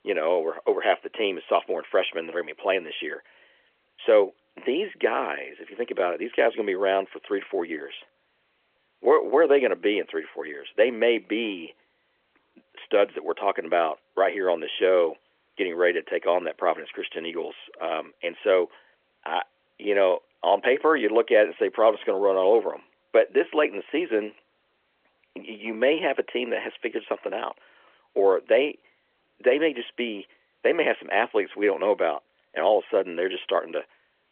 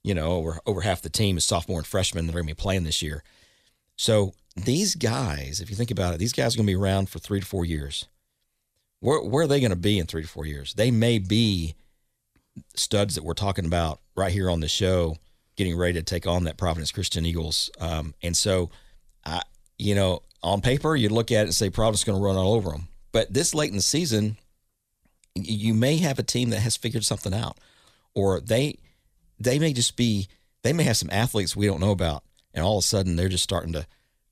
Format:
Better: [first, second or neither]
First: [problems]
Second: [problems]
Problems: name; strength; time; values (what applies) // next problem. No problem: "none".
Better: second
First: phone-call audio; nothing above 3.5 kHz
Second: none